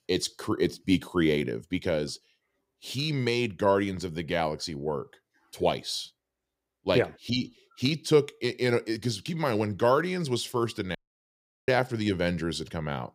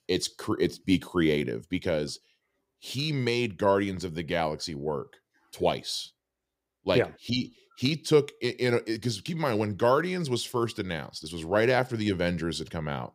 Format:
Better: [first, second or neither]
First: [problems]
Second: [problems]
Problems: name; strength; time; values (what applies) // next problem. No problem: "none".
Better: second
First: audio cutting out; at 11 s for 0.5 s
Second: none